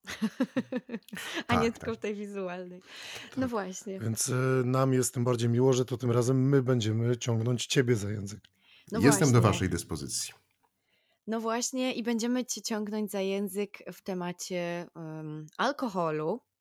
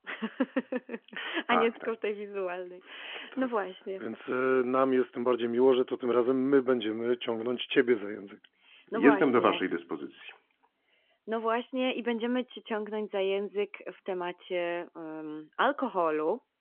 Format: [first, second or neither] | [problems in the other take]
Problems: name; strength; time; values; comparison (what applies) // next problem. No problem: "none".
first | phone-call audio; nothing above 3.5 kHz